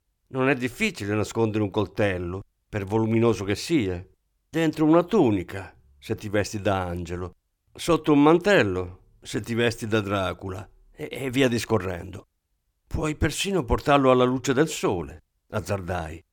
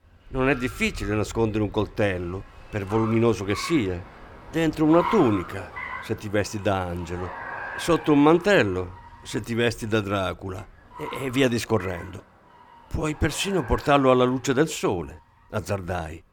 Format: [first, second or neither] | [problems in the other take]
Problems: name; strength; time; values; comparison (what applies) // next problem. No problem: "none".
first | traffic noise; noticeable; throughout; 15 dB below the speech